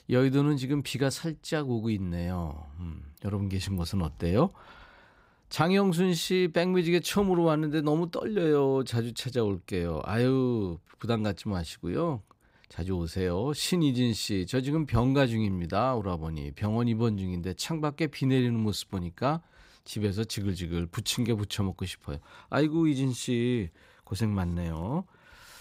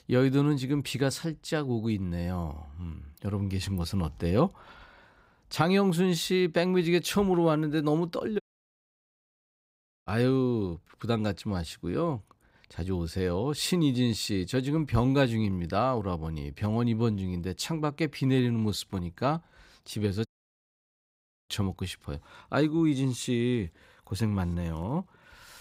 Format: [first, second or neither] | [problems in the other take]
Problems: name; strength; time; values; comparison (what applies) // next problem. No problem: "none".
first | audio cutting out; at 8.5 s for 1.5 s and at 20 s for 1 s